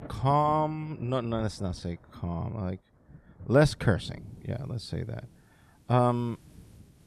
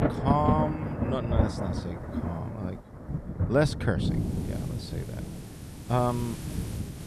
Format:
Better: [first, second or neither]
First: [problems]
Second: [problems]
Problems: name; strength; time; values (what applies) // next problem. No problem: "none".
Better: first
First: rain or running water; faint; throughout; 20 dB below the speech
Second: rain or running water; loud; throughout; 1 dB below the speech